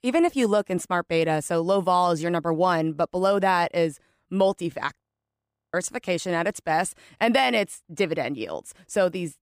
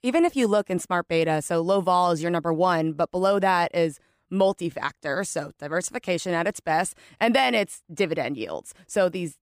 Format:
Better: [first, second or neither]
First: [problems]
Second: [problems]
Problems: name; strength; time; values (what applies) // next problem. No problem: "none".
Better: second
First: audio freezing; at 5 s for 0.5 s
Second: none